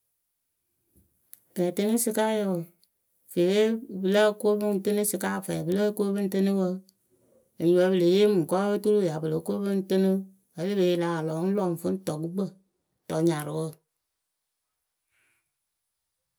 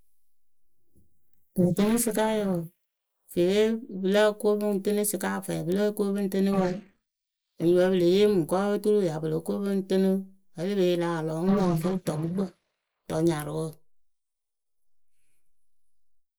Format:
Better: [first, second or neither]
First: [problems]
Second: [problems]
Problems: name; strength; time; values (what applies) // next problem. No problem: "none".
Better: first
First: none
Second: noise reduction (neural mask model Resemble Enhance denoiser)